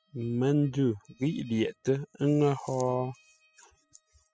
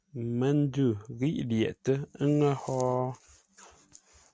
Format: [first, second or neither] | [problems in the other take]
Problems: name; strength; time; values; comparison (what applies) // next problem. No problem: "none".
second | noise reduction (classical method spectral subtraction)